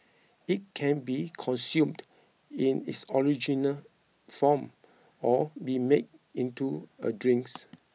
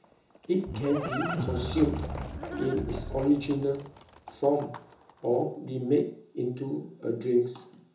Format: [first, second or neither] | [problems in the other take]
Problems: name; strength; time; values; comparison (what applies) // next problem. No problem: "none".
first | background sound (Livestock, farm animals, working animals); 9 dB below the speech // room echo; dies away in 0.6 s